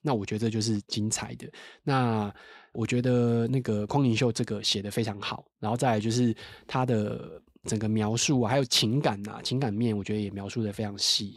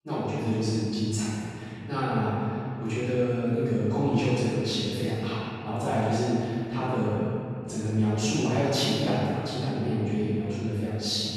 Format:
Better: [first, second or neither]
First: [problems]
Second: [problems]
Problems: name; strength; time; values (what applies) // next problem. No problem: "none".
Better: first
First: none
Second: off-mic speech; far // room echo; strong; dies away in 2.6 s